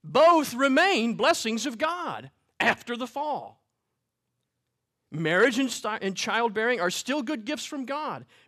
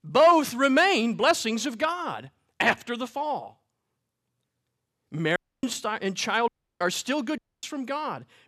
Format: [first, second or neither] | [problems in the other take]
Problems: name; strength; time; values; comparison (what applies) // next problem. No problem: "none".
first | audio cutting out; at 5.5 s, at 6.5 s and at 7.5 s